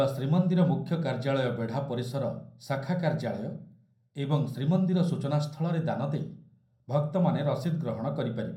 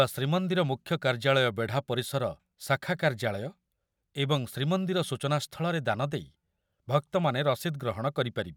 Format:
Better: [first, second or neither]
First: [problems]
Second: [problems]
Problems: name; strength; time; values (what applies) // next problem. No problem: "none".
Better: second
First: room echo; dies away in 0.5 s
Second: none